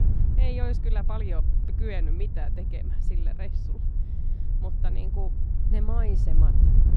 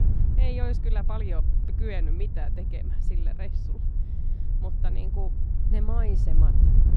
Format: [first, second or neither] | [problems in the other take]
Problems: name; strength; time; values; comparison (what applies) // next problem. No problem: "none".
neither | wind noise on the microphone; heavy; 4 dB below the speech; the same in both